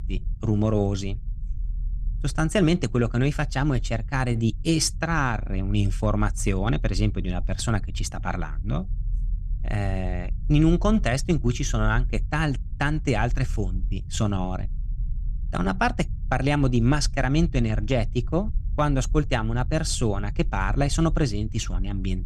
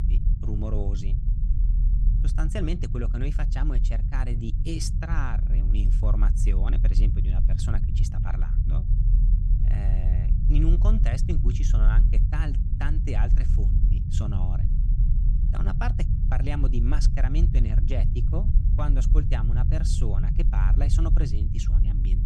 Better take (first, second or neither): first